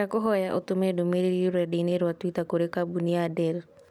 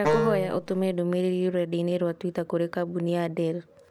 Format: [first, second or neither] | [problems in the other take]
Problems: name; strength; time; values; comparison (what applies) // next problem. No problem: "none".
first | background sound (Wind instrument, woodwind instrument); as loud as the speech